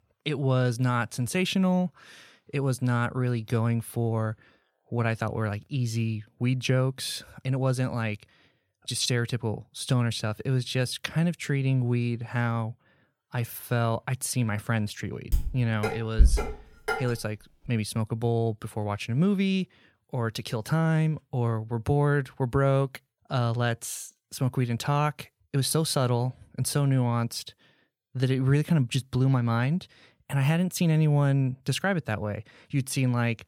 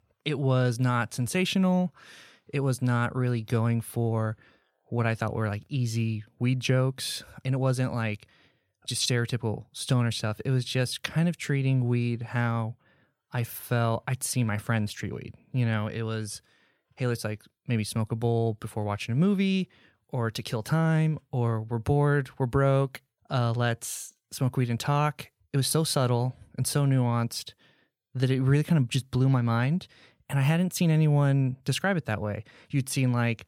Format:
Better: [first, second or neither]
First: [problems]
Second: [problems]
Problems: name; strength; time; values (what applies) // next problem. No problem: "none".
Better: second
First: clattering dishes; loud; from 15 to 17 s; peak 3 dB above the speech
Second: none